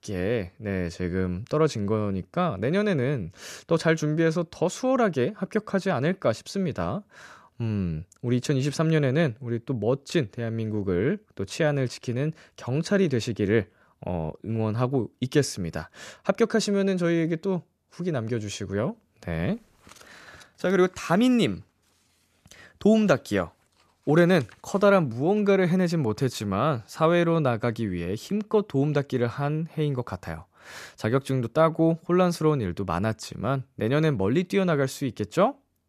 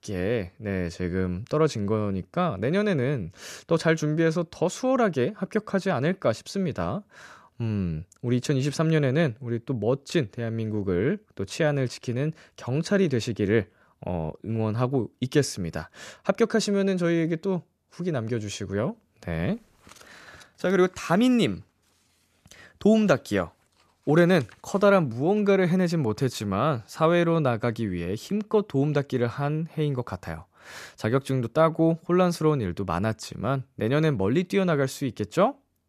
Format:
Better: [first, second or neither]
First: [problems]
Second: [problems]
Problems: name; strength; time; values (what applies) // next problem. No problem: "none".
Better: neither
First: none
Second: none